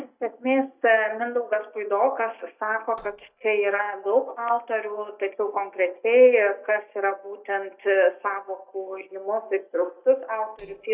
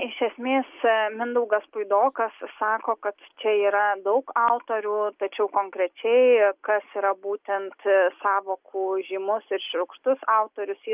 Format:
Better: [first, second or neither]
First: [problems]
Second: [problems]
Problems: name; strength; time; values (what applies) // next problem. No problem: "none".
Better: second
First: noise reduction (neural mask model DeepFilterNet 3)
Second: none